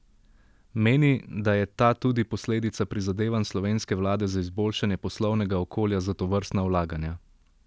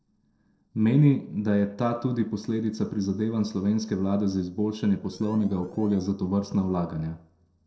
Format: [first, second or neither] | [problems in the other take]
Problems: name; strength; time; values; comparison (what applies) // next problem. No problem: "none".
first | noise reduction (neural separator model SepFormer DNS4)